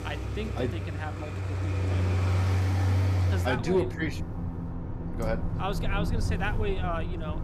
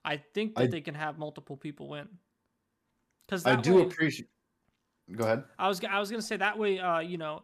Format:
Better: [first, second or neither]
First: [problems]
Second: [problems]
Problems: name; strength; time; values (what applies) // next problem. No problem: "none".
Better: second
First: traffic noise; very loud; throughout; 3 dB above the speech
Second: none